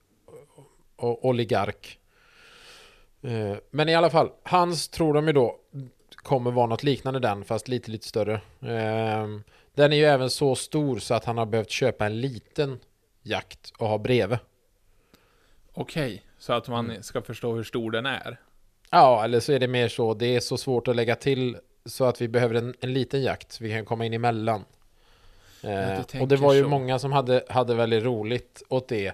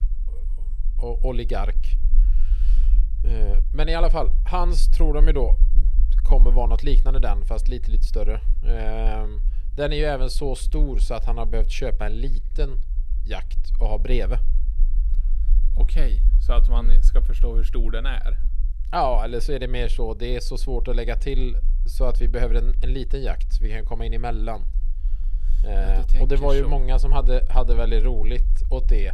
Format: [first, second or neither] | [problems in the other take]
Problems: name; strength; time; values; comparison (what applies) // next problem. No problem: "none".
first | low rumble; faint; throughout; 20 dB below the speech